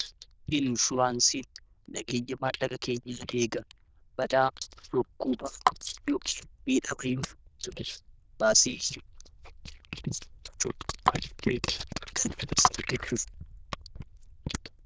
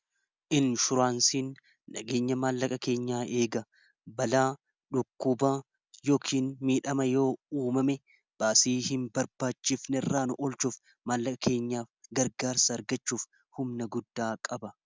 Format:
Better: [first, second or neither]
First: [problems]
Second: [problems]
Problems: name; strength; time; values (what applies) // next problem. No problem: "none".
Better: second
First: noise reduction (neural diffusion model UNIVERSE++)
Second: none